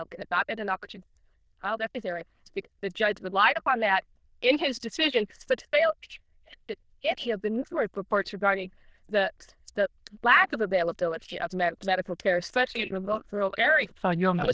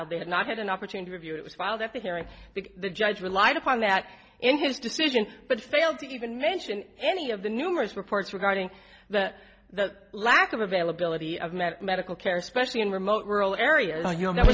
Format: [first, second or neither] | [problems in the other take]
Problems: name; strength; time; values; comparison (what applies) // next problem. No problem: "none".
second | noise reduction (neural diffusion model UNIVERSE++)